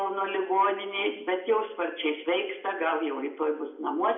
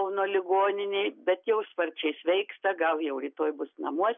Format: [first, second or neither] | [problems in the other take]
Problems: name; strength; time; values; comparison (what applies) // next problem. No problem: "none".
second | room echo; dies away in 0.7 s